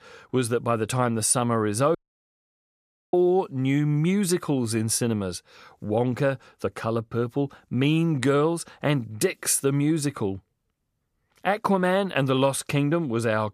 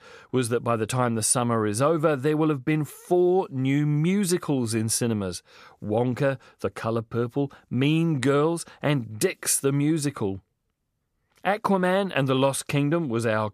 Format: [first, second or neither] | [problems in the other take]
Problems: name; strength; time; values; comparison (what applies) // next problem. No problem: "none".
second | audio cutting out; at 2 s for 1 s